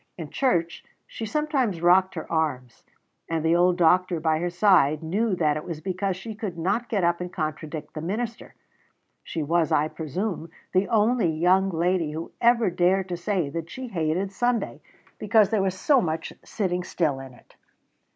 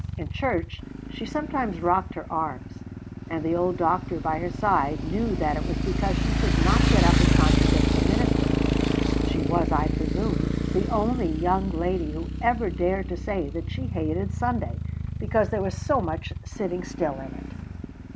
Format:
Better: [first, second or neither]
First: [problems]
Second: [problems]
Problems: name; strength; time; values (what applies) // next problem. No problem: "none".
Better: first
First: none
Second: background sound (Motorcycle); 2 dB above the speech